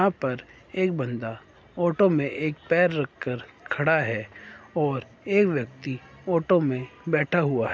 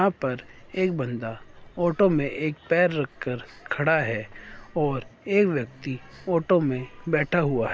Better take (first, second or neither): first